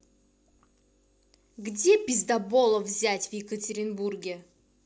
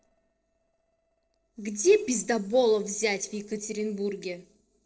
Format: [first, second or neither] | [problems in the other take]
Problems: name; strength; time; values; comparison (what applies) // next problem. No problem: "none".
first | noise reduction (neural separator model SepFormer DNS4)